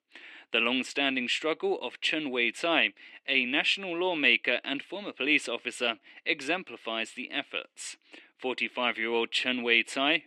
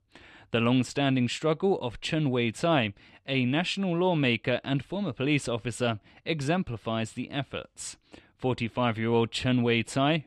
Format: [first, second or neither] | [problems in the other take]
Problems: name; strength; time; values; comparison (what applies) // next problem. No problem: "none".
second | thin; very slightly; fading below 300 Hz